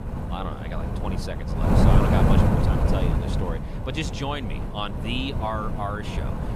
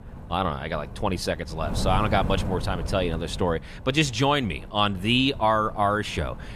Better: second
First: wind noise on the microphone; heavy; 1 dB above the speech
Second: wind noise on the microphone; occasional gusts; 15 dB below the speech

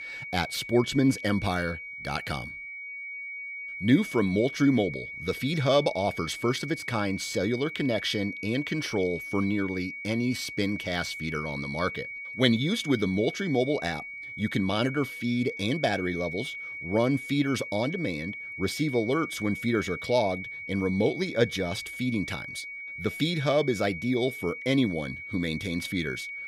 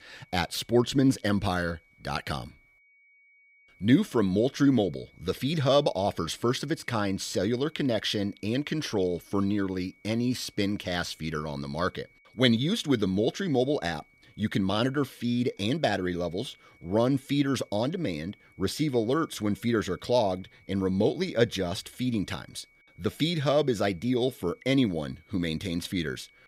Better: second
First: high-pitched whine; loud; throughout; 2 kHz, 8 dB below the speech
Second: high-pitched whine; faint; throughout; 2 kHz, 30 dB below the speech

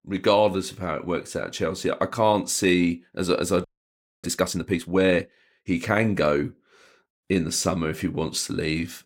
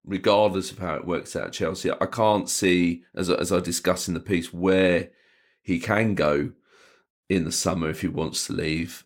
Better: second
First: audio freezing; at 3.5 s for 0.5 s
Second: none

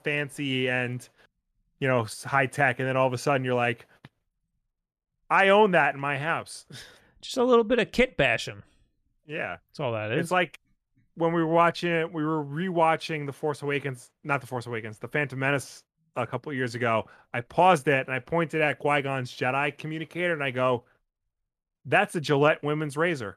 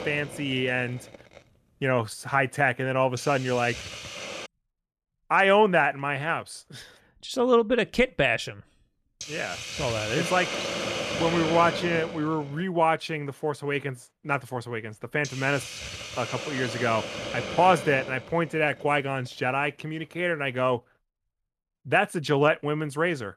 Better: first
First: none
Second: hiss; loud; until 4.5 s, from 8 to 13 s and from 15 to 20 s; 8 dB below the speech

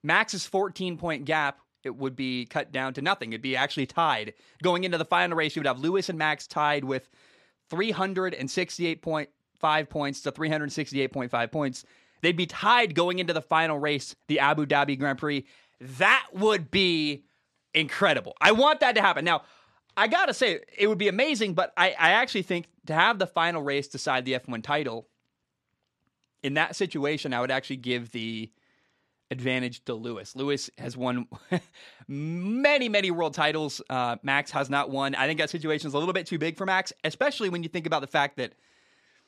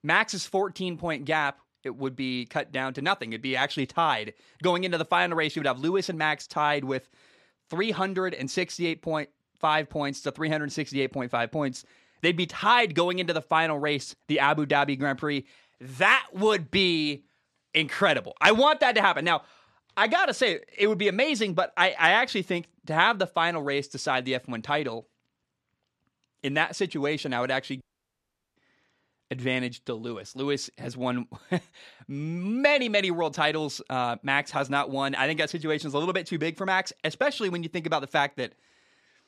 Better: first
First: none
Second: audio cutting out; at 28 s for 1 s

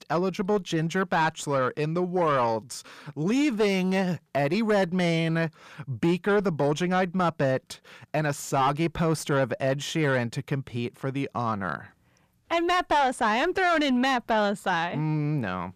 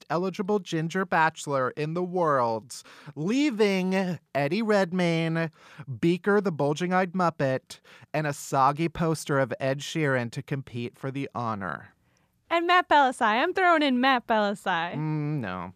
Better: second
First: distortion; slight; 10 dB below the speech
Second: none

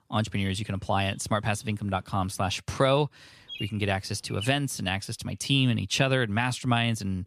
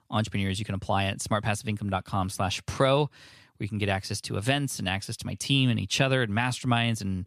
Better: second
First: animal sounds; noticeable; until 5 s; 15 dB below the speech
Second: none

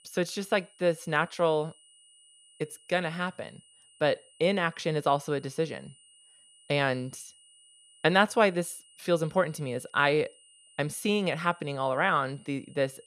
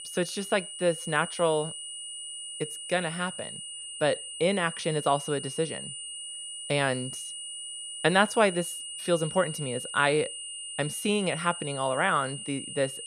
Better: first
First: high-pitched whine; faint; throughout; 3 kHz, 25 dB below the speech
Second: high-pitched whine; loud; throughout; 3 kHz, 8 dB below the speech

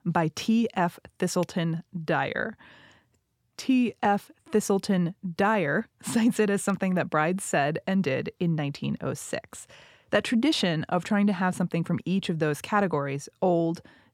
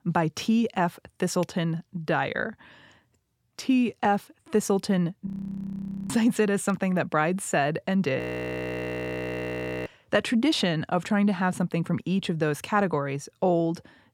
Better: first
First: none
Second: audio freezing; at 5.5 s for 1 s and at 8 s for 1.5 s

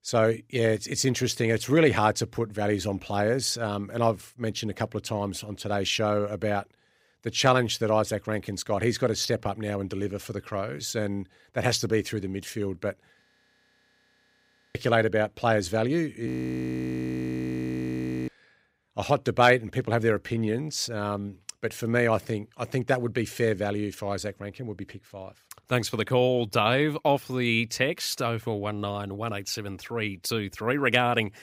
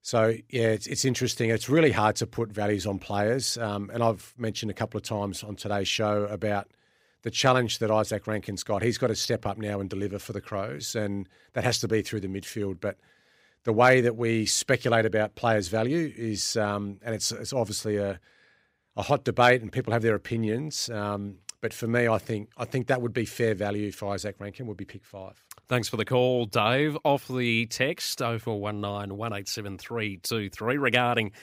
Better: second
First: audio freezing; at 13 s for 1.5 s and at 16 s for 2 s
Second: none

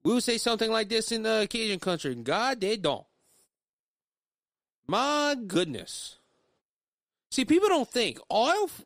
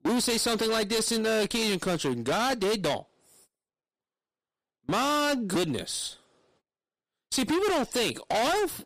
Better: first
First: none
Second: distortion; heavy; 21% of the sound clipped

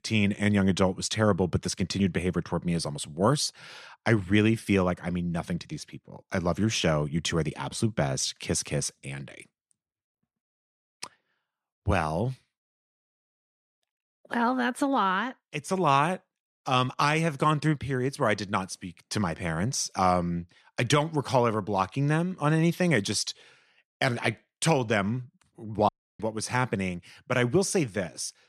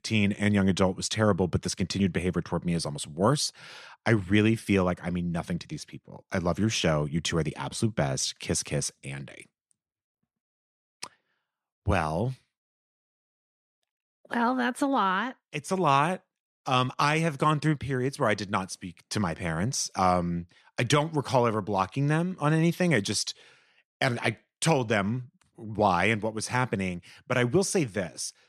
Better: second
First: audio cutting out; at 26 s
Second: none

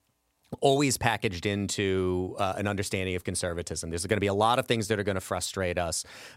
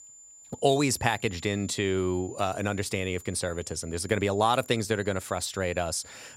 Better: first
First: none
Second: high-pitched whine; noticeable; throughout; 7 kHz, 20 dB below the speech

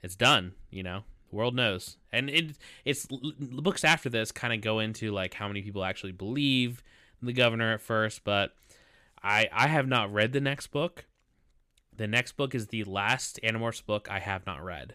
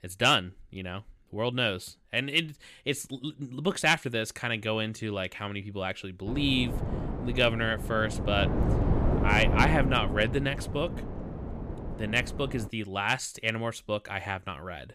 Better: first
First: none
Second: wind noise on the microphone; heavy; from 6.5 to 13 s; 9 dB below the speech

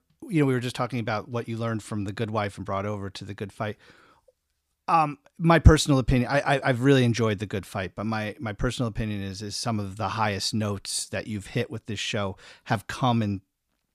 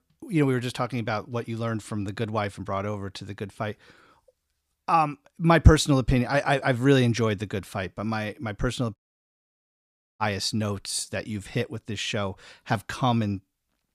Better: first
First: none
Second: audio cutting out; at 9 s for 1 s

